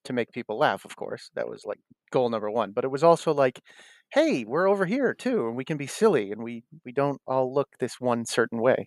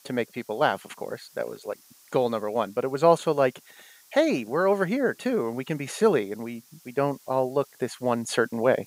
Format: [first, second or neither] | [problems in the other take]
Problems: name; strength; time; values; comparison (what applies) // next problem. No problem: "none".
first | hiss; faint; throughout; 25 dB below the speech